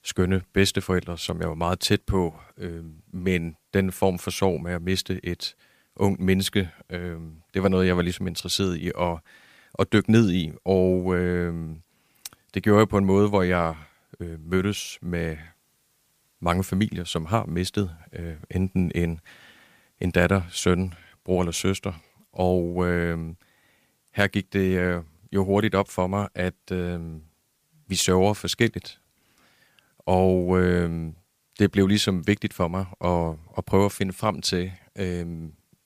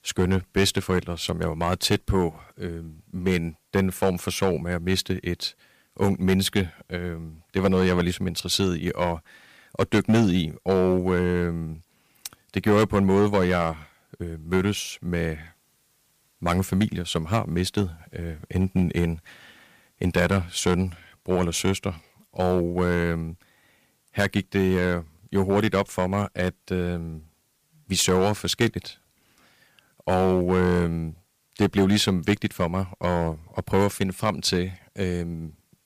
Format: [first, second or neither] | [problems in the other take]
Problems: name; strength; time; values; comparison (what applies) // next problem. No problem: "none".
first | distortion; slight; 2% of the sound clipped